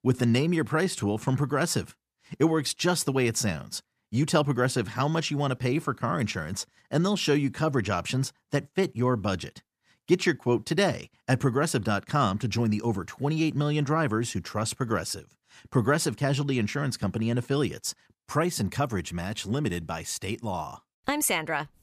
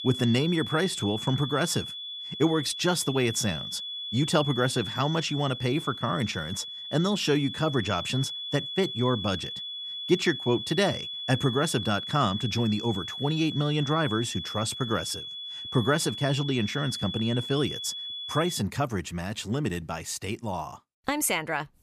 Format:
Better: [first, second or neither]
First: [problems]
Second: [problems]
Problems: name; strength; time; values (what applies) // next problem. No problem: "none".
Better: first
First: none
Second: high-pitched whine; loud; until 19 s; 3.5 kHz, 6 dB below the speech